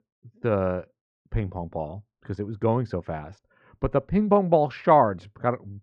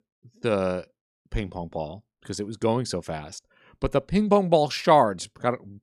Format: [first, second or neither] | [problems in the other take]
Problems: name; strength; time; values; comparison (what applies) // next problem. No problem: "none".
second | muffled; very; fading above 1.5 kHz